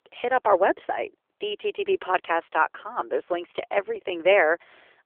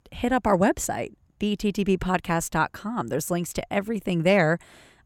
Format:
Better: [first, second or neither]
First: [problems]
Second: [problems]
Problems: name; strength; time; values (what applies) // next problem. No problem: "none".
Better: second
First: phone-call audio; nothing above 3 kHz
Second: none